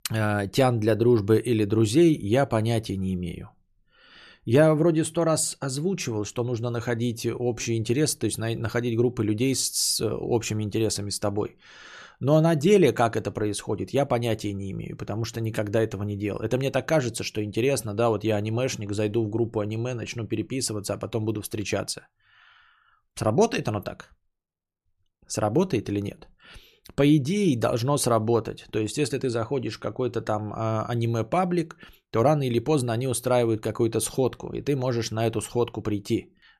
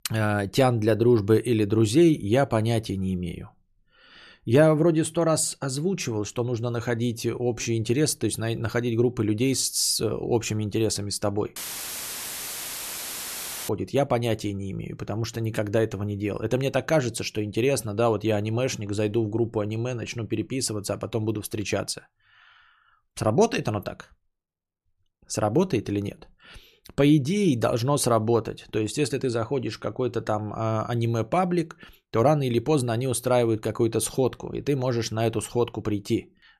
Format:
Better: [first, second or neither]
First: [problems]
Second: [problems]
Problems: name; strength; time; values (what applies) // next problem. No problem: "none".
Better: first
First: none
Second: audio cutting out; filled with static; at 12 s for 2 s